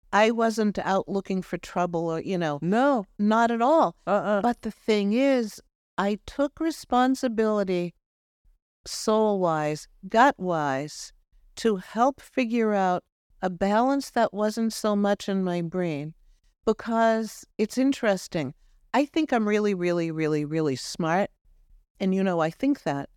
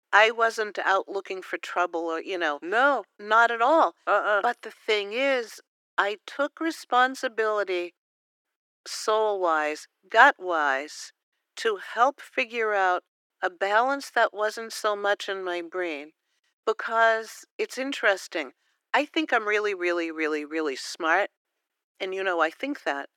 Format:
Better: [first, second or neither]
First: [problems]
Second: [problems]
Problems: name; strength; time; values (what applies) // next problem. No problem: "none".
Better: first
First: none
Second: thin; very; fading below 300 Hz